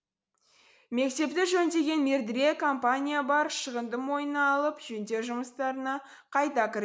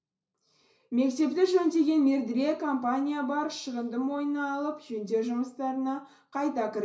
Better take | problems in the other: first | room echo; dies away in 0.5 s

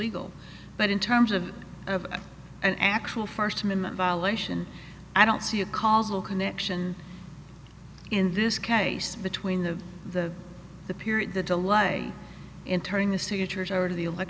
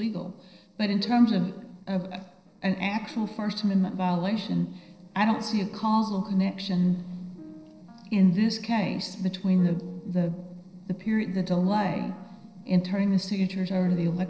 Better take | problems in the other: first | noise reduction (neural separator model SepFormer DNS4)

